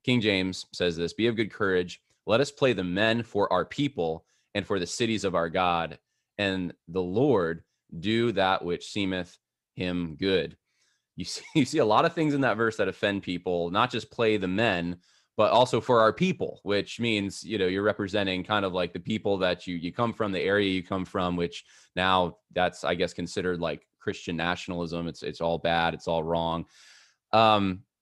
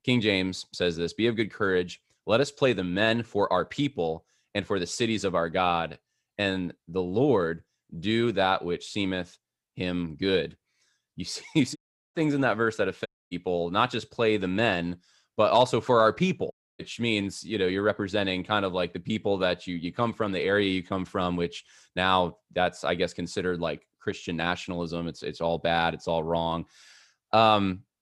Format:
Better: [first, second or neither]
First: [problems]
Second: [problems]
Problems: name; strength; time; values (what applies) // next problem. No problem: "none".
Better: first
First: none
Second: audio cutting out; at 12 s, at 13 s and at 17 s